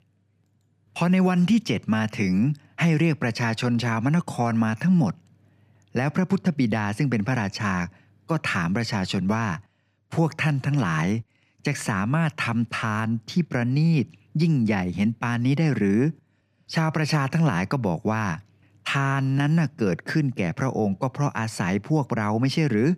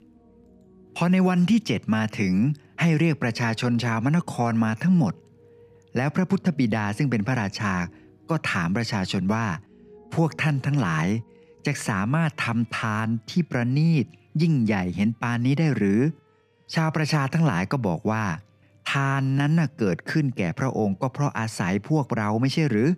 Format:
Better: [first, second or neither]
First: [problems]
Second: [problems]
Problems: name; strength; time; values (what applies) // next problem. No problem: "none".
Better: first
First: none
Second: background music; faint; throughout; 30 dB below the speech